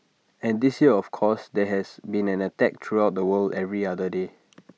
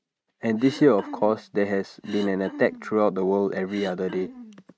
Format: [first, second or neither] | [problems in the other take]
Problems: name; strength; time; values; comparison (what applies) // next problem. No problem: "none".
first | noise reduction (neural mask model RNNoise)